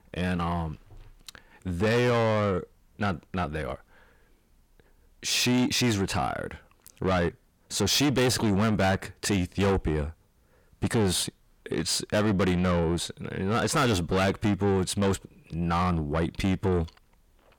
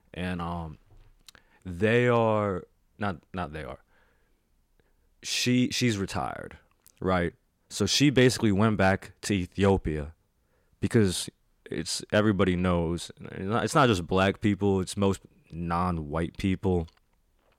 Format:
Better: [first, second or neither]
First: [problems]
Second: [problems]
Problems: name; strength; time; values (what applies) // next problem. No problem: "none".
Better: second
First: distortion; heavy; 7 dB below the speech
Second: none